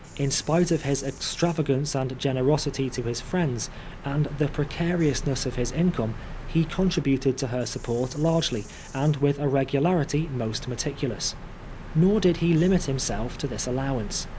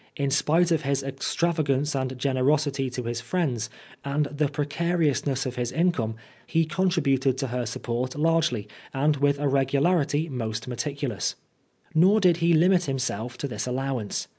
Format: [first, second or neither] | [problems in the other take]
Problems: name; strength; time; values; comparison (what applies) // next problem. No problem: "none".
second | background sound (Bird vocalization, bird call, bird song); 12 dB below the speech